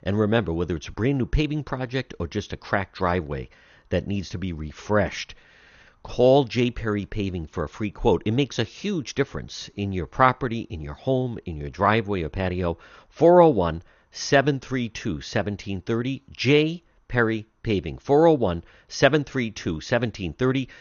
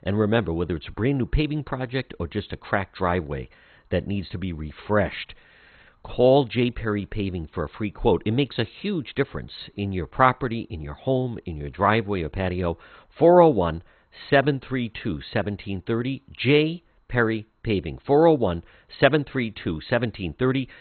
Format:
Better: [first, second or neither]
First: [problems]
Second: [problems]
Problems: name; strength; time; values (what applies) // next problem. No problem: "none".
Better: first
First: garbled, watery; slightly; nothing above 6.5 kHz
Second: garbled, watery; badly; nothing above 4 kHz